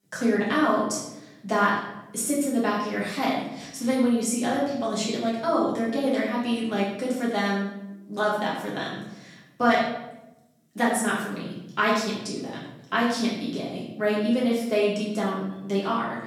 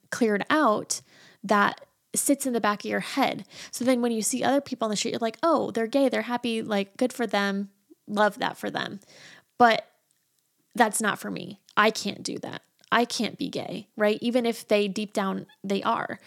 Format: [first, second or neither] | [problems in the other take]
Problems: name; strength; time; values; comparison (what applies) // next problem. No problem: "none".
second | off-mic speech; far // room echo; noticeable; dies away in 0.9 s